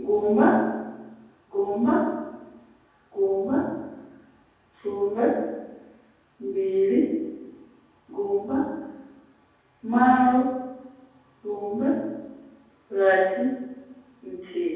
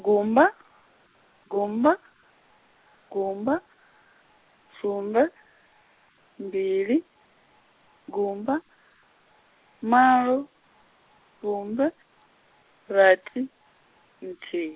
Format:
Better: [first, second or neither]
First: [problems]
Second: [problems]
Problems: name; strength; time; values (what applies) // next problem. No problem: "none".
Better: second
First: room echo; dies away in 1.3 s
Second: none